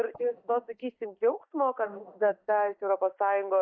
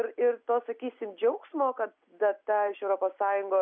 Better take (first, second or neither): second